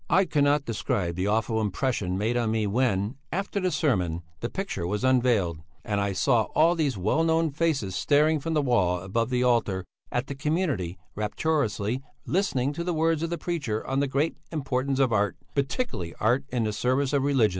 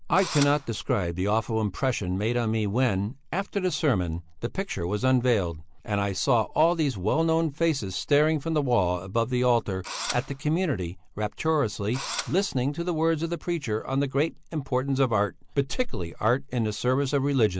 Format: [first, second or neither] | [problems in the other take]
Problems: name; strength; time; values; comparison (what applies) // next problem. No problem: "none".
first | background sound (Engine / Drill); 10 dB below the speech